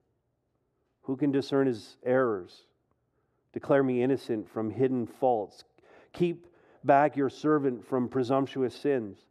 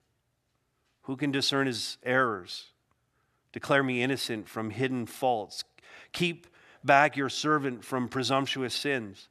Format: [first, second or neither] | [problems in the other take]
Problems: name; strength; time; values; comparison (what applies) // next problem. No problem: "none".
second | muffled; slightly; fading above 1.5 kHz